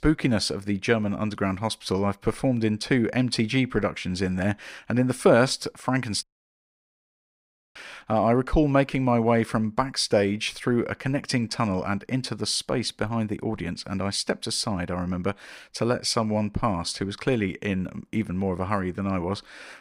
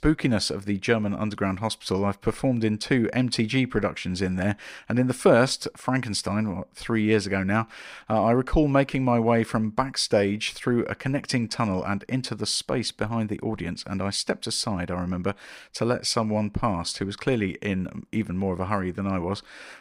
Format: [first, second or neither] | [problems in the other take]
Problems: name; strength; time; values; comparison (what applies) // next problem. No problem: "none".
second | audio cutting out; at 6 s for 1.5 s